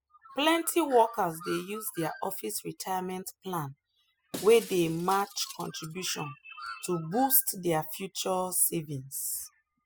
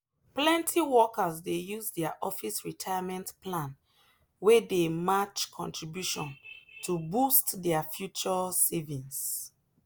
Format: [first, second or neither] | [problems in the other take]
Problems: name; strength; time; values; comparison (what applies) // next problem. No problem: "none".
second | noise reduction (classical method spectral subtraction)